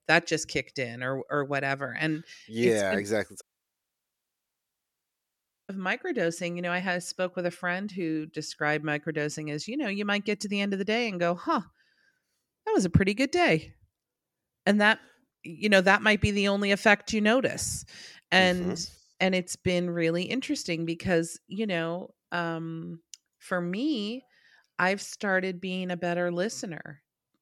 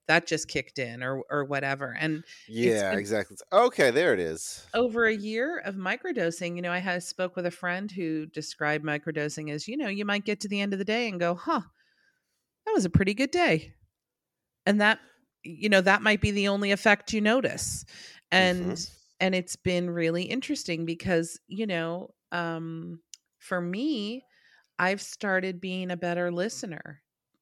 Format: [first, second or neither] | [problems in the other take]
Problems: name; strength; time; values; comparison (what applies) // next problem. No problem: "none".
second | audio cutting out; at 3.5 s for 2.5 s